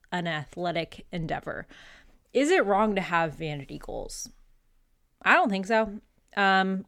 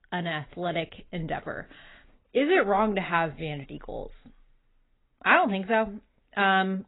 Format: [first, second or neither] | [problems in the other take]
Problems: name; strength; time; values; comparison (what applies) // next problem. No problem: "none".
first | garbled, watery; badly; nothing above 4 kHz